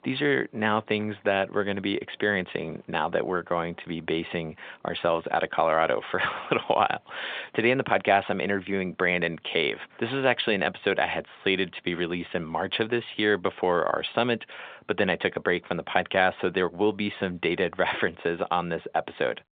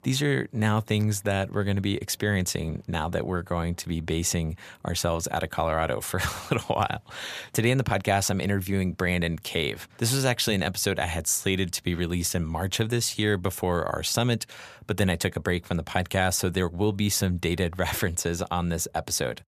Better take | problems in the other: second | phone-call audio; nothing above 3.5 kHz

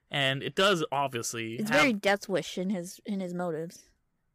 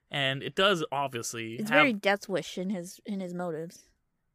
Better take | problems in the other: second | distortion; slight; 1.8% of the sound clipped

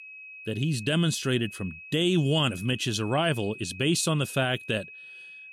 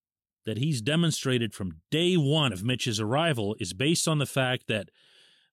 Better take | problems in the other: second | high-pitched whine; noticeable; throughout; 2.5 kHz, 15 dB below the speech

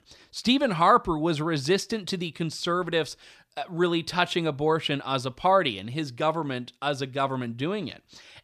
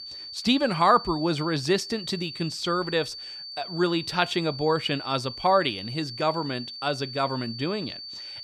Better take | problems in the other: first | high-pitched whine; noticeable; throughout; 4.5 kHz, 10 dB below the speech

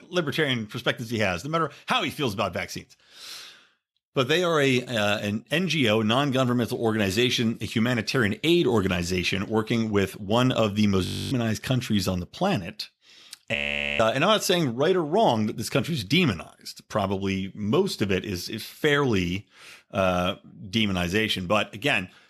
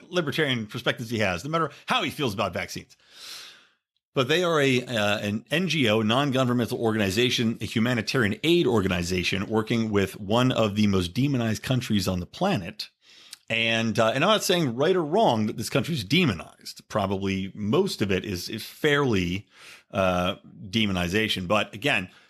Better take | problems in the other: second | audio freezing; at 11 s and at 14 s

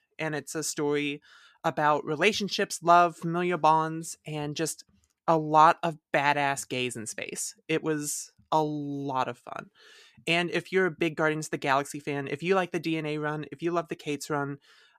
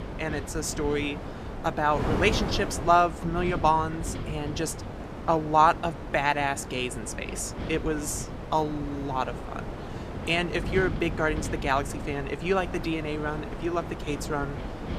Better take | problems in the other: first | wind noise on the microphone; occasional gusts; 10 dB below the speech

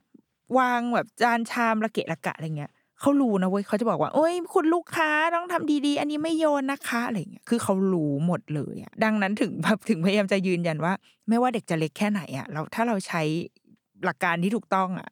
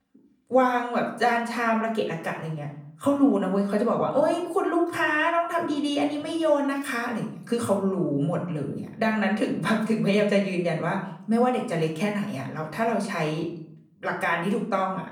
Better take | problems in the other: first | off-mic speech; far // room echo; slight; dies away in 0.5 s

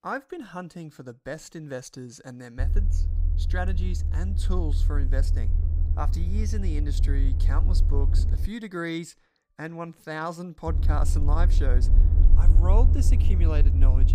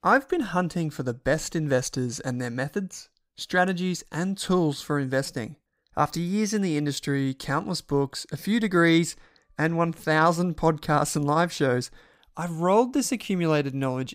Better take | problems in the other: second | low rumble; loud; from 2.5 to 8.5 s and from 11 s on; 7 dB below the speech

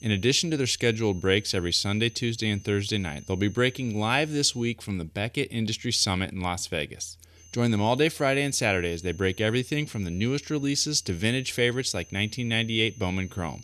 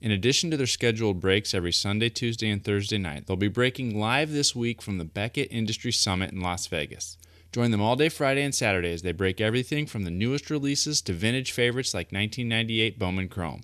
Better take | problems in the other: second | high-pitched whine; faint; until 4.5 s and from 7.5 s on; 6 kHz, 25 dB below the speech

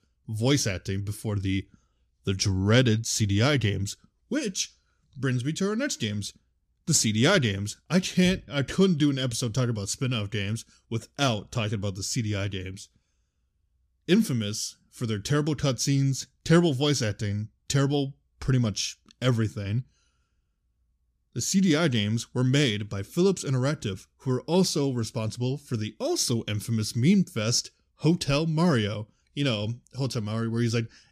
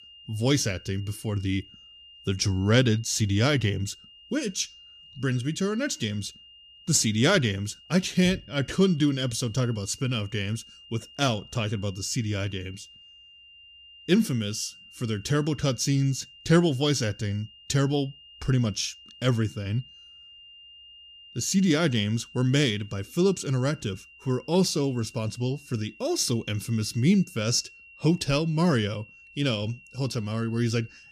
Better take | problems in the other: first | high-pitched whine; faint; throughout; 3 kHz, 20 dB below the speech

